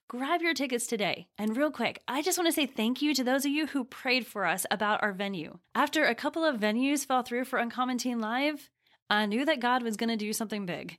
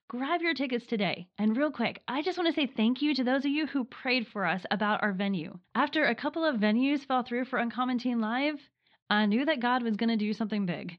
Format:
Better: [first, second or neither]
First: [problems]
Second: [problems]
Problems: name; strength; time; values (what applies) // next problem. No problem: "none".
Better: first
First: none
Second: muffled; very slightly; fading above 4 kHz